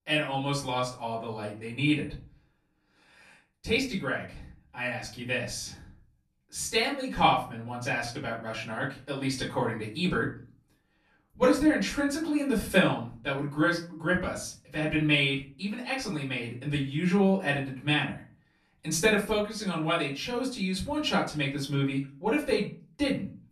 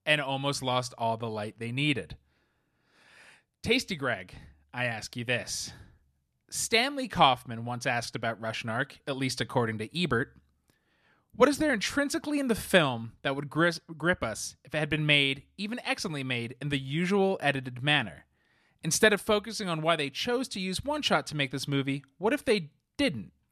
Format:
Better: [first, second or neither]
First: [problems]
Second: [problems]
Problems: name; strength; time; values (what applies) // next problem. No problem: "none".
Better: second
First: off-mic speech; far // room echo; slight; dies away in 0.3 s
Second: none